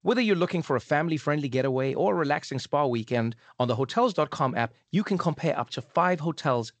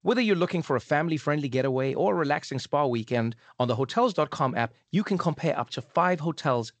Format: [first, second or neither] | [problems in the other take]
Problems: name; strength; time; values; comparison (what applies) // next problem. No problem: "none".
neither | garbled, watery; slightly; nothing above 8 kHz; the same in both